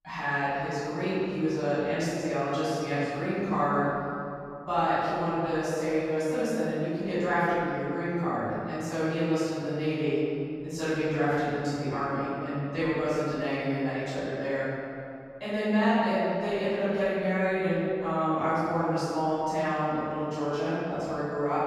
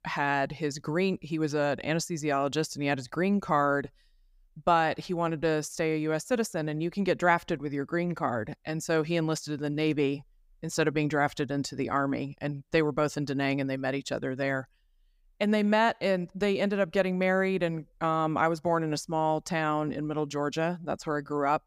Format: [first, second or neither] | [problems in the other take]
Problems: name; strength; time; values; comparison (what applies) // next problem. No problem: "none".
second | room echo; strong; dies away in 2.4 s // off-mic speech; far